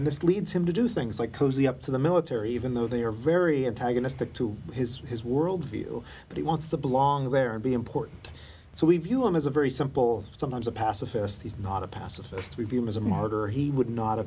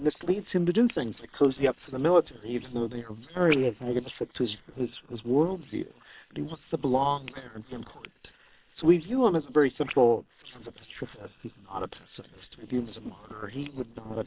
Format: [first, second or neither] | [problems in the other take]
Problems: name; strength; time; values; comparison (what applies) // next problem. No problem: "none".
first | noise reduction (neural separator model SepFormer WHAM!)